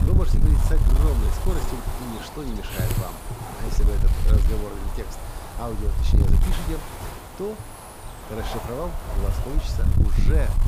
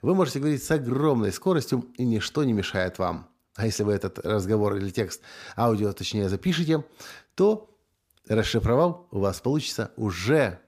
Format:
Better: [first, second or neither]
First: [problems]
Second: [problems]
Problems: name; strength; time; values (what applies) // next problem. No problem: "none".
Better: second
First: wind noise on the microphone; heavy; as loud as the speech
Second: none